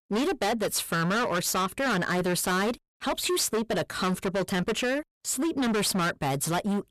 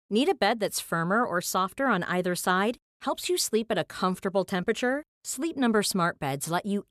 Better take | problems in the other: second | distortion; heavy; 27% of the sound clipped

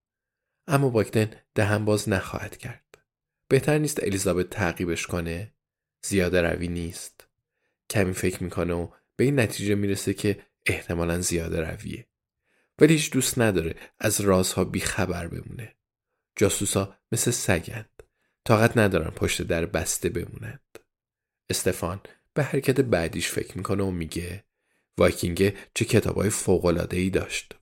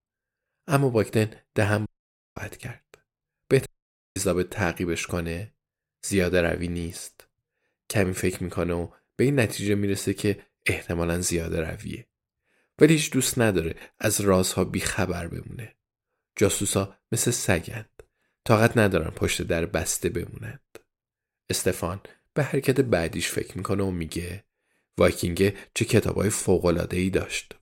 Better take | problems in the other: first | audio cutting out; at 2 s and at 3.5 s for 0.5 s

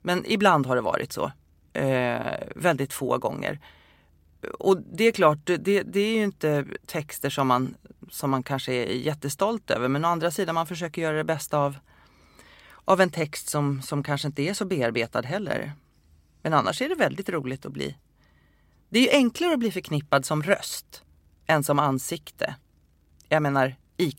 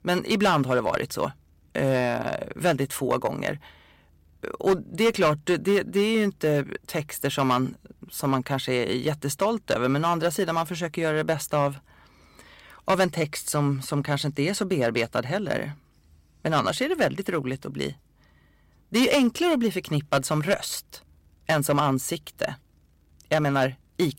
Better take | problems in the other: first | distortion; slight; 4% of the sound clipped

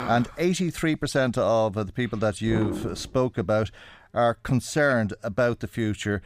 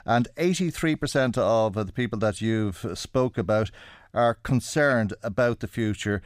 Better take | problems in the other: second | animal sounds; loud; throughout; 9 dB below the speech

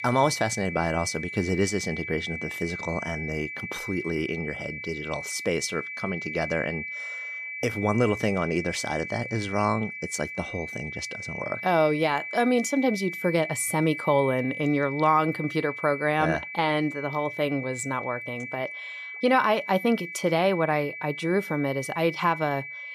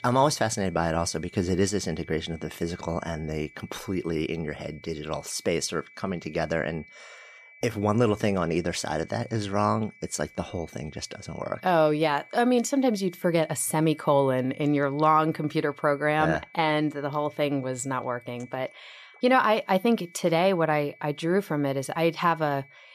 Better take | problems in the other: second | high-pitched whine; loud; throughout; 2.5 kHz, 7 dB below the speech; faint in the second

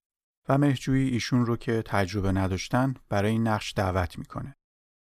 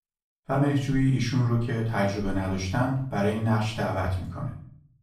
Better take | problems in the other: first | off-mic speech; far // room echo; noticeable; dies away in 0.5 s

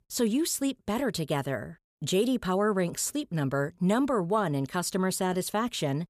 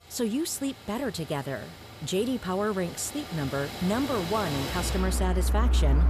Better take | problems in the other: first | traffic noise; loud; throughout; as loud as the speech

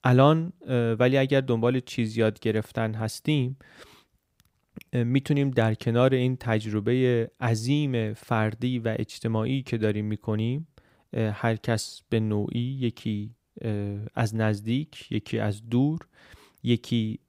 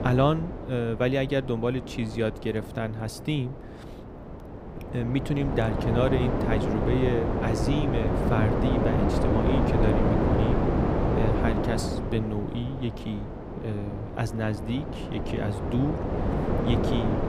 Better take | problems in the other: first | wind noise on the microphone; heavy; 1 dB above the speech

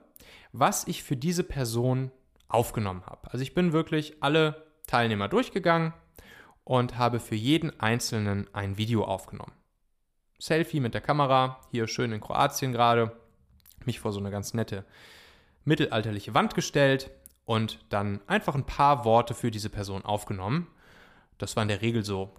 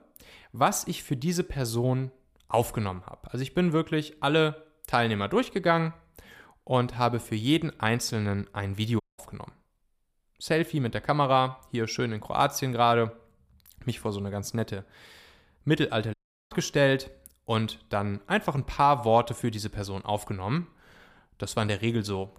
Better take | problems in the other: first | audio cutting out; at 9 s and at 16 s

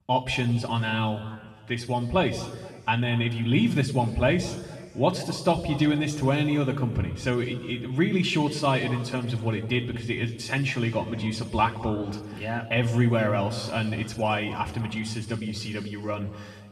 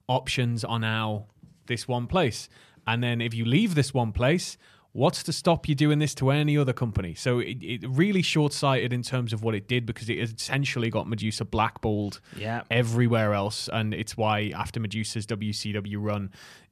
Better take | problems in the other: second | room echo; noticeable; dies away in 1.7 s // off-mic speech; far

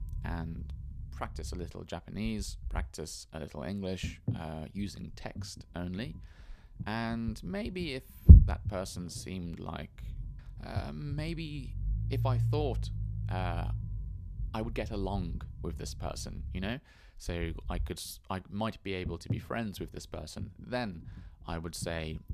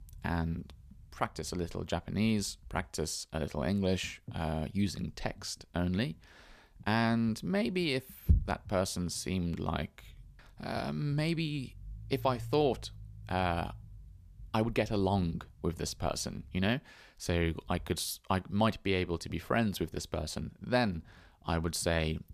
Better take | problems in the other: second | low rumble; loud; throughout; 6 dB below the speech; faint in the second

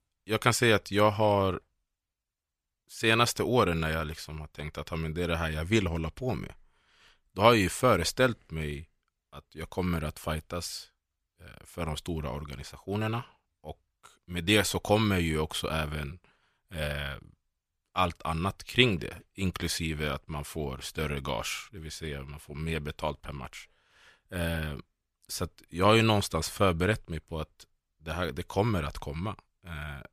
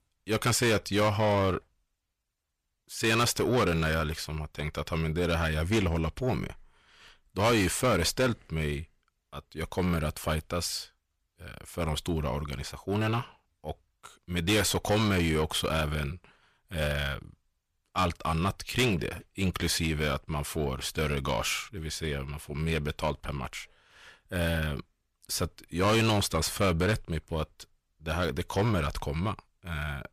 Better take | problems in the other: first | distortion; heavy; 7 dB below the speech

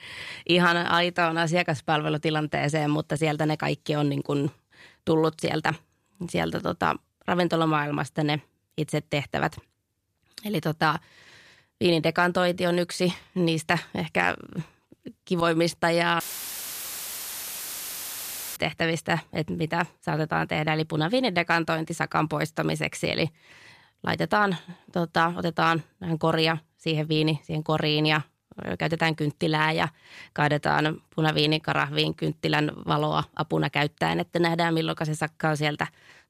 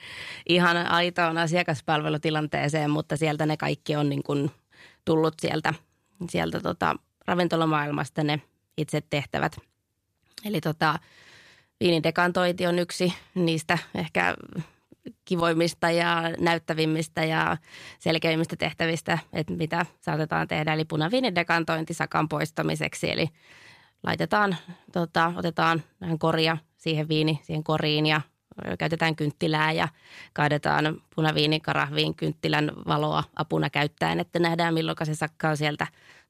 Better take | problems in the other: second | audio cutting out; filled with static; at 16 s for 2.5 s

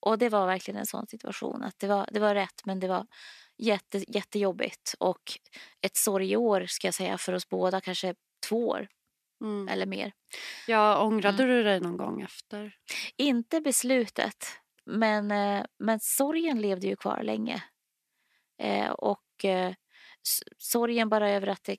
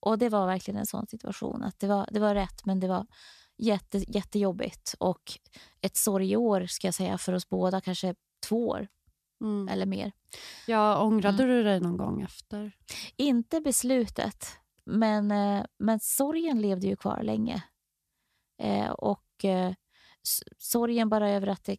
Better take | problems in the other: second | thin; very slightly; fading below 300 Hz

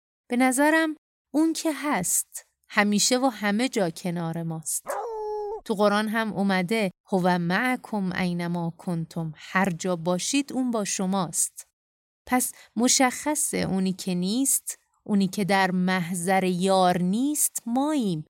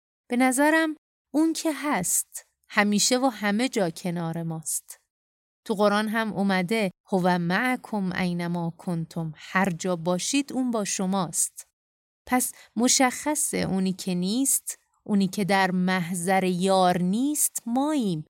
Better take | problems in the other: second | dog barking; noticeable; at 5 s; peak 7 dB below the speech

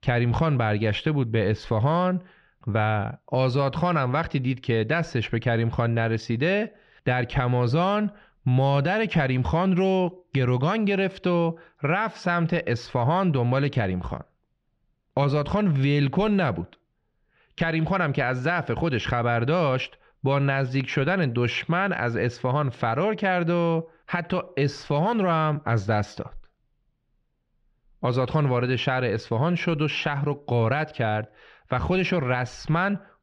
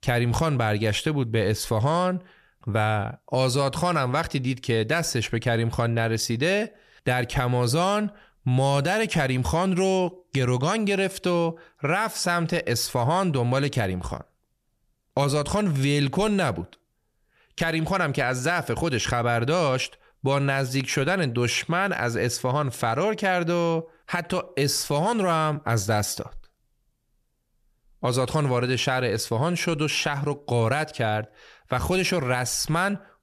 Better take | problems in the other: second | muffled; slightly; fading above 3.5 kHz

